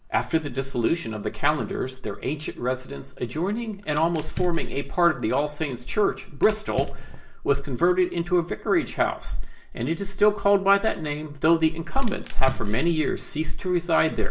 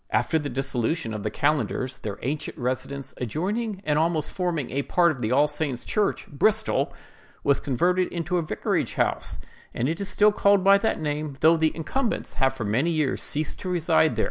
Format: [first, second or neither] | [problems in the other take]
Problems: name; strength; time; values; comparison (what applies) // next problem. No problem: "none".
second | background sound (Fire); 10 dB below the speech // room echo; dies away in 0.4 s